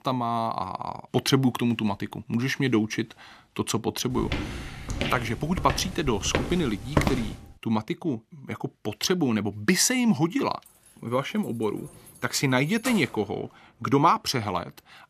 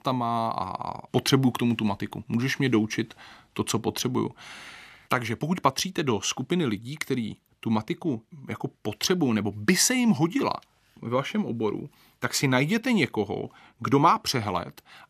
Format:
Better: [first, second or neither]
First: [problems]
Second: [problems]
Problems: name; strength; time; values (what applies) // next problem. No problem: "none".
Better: second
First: footsteps; loud; from 4 to 7.5 s; peak level with the speech // jangling keys; noticeable; from 11 to 13 s; peak 9 dB below the speech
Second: none